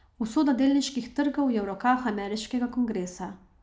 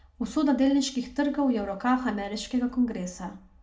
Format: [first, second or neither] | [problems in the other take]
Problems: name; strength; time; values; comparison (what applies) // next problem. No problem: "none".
first | room echo; dies away in 0.2 s